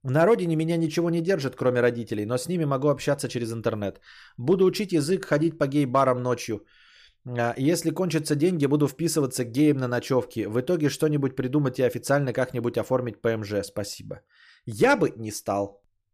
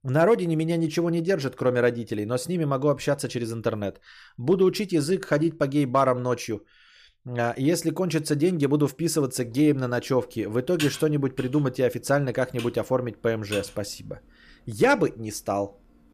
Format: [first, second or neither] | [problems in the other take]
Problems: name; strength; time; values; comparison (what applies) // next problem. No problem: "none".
first | keyboard typing; noticeable; from 11 to 14 s; peak 8 dB below the speech